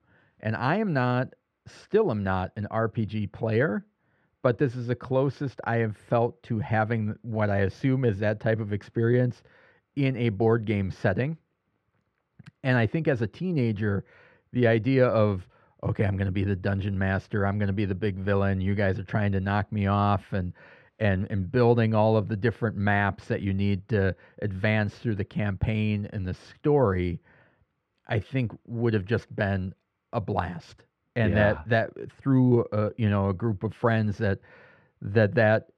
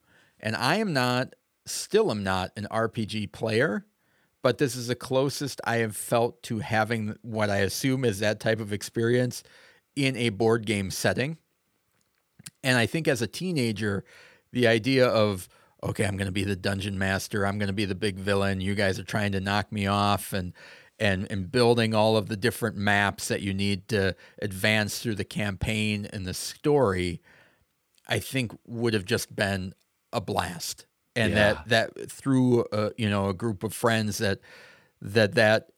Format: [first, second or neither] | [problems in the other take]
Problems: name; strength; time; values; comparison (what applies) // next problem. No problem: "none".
second | muffled; very; fading above 2 kHz